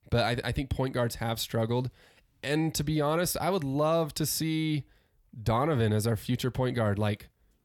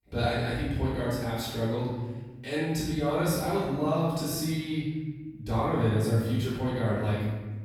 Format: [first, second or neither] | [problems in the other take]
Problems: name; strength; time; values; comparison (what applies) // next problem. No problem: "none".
first | room echo; strong; dies away in 1.3 s // off-mic speech; far